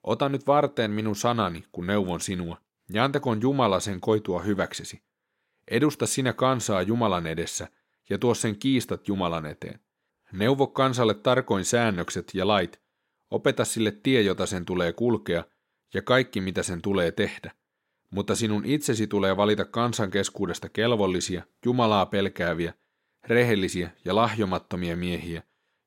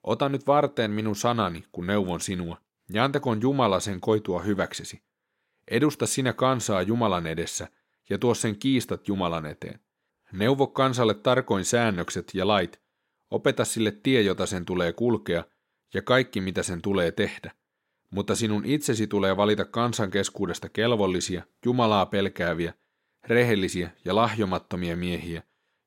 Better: neither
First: none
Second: none

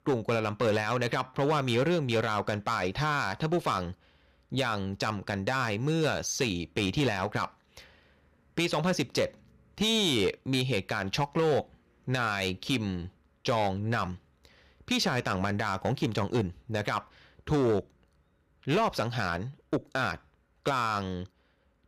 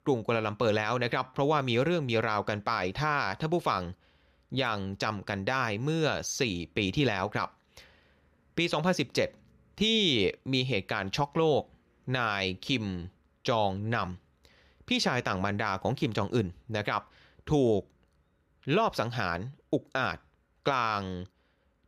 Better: second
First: distortion; slight; 5% of the sound clipped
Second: none

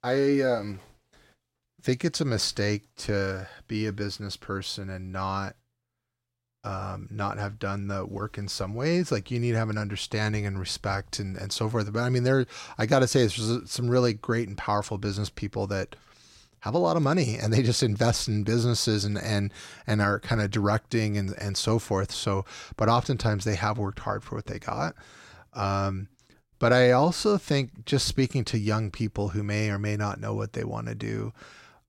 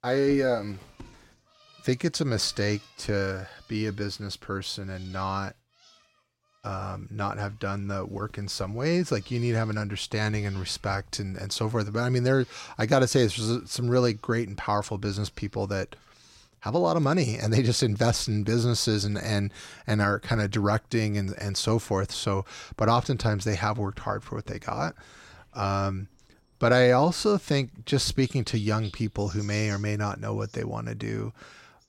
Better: first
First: none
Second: animal sounds; faint; throughout; 25 dB below the speech

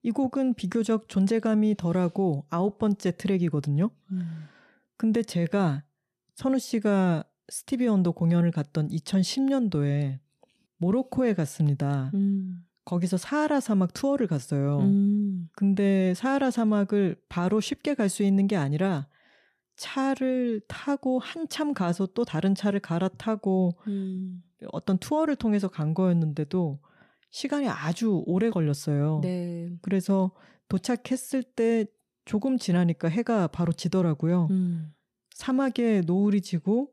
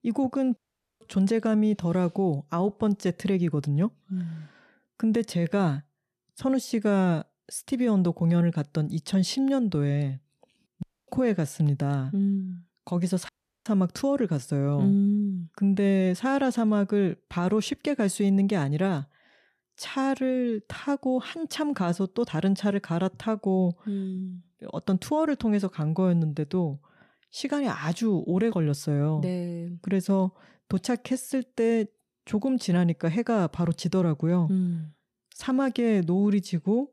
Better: first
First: none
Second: audio cutting out; at 0.5 s, at 11 s and at 13 s

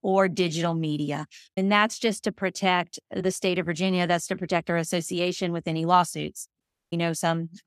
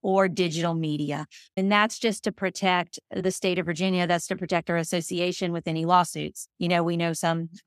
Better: second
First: audio cutting out; at 6.5 s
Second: none

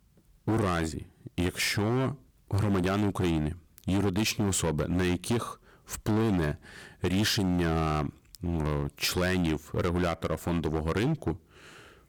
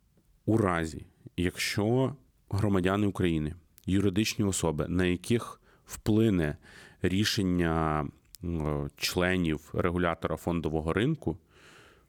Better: second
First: distortion; heavy; 15% of the sound clipped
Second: none

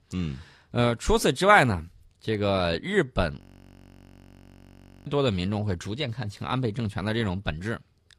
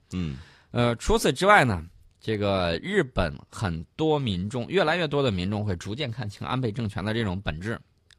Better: second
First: audio freezing; at 3.5 s for 1.5 s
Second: none

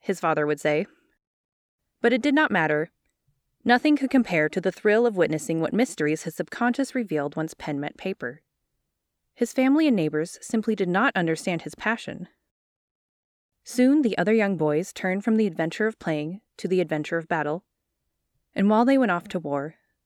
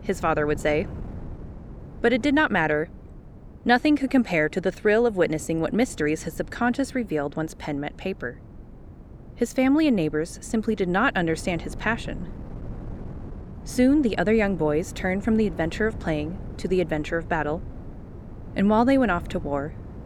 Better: first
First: none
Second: wind noise on the microphone; occasional gusts; 20 dB below the speech

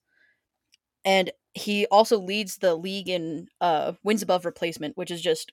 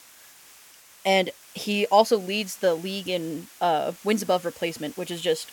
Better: first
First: none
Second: hiss; faint; throughout; 20 dB below the speech

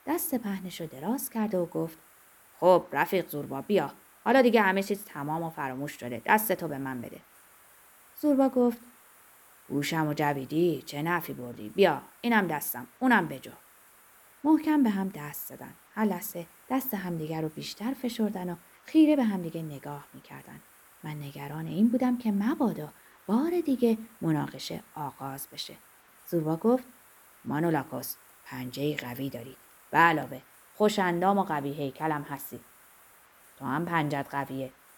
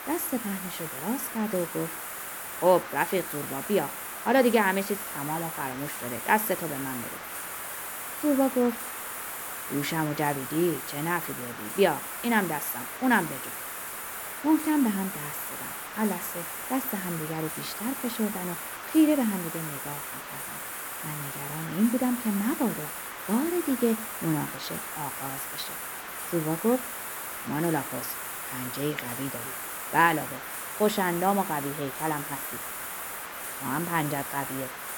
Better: first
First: hiss; faint; throughout; 25 dB below the speech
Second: hiss; loud; throughout; 6 dB below the speech

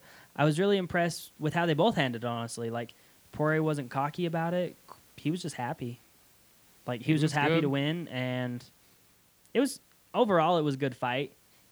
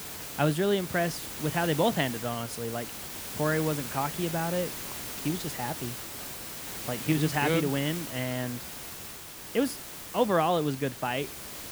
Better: first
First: hiss; faint; throughout; 30 dB below the speech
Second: hiss; loud; throughout; 7 dB below the speech

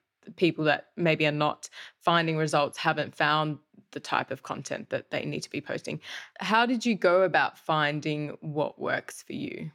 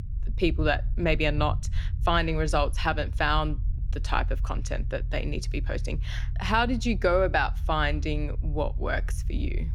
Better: first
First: none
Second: low rumble; faint; throughout; 25 dB below the speech

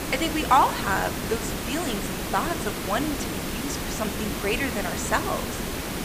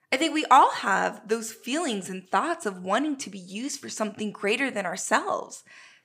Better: second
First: hiss; loud; throughout; 3 dB below the speech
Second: none

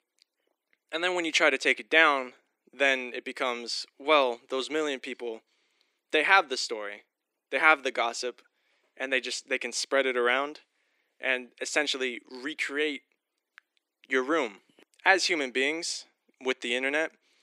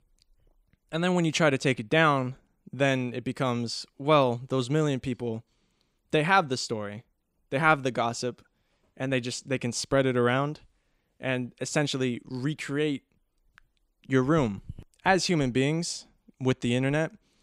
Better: second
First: thin; somewhat; fading below 300 Hz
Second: none

